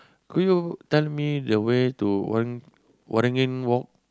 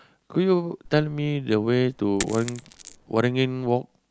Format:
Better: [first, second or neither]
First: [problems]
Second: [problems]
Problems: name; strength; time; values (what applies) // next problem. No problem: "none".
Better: first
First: none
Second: background sound (Coin (dropping)); 16 dB below the speech